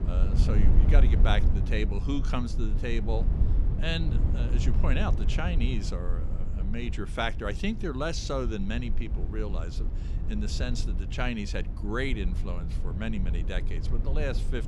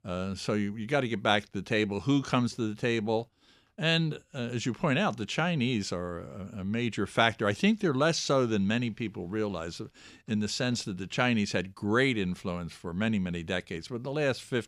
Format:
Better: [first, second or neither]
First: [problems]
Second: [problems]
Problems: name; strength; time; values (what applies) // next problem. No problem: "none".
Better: second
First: low rumble; loud; throughout; 9 dB below the speech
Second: none